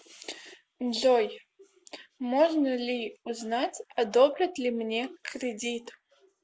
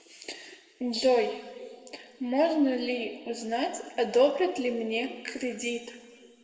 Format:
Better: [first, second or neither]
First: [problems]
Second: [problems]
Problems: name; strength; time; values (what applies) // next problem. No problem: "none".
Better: first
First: none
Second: room echo; dies away in 1.6 s